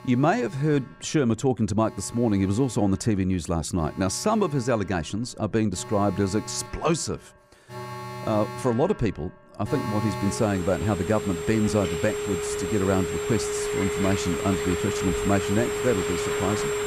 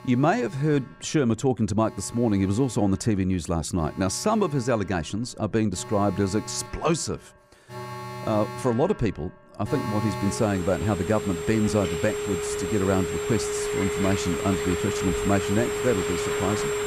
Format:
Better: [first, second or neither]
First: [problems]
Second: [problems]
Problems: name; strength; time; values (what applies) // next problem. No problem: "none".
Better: neither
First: alarms or sirens; loud; throughout; 4 dB below the speech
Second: alarms or sirens; loud; throughout; 4 dB below the speech